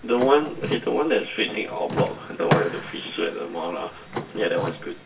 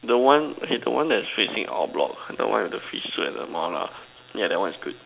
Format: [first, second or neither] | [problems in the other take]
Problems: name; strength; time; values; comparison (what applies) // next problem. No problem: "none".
second | background sound (Door / Car); 7 dB below the speech // room echo; dies away in 0.2 s